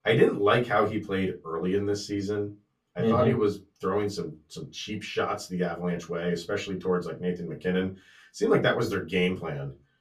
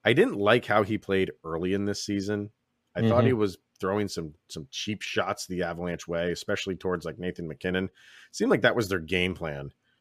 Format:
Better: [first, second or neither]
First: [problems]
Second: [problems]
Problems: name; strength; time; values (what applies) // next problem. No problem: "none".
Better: second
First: off-mic speech; far // room echo; very slight; dies away in 0.2 s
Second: none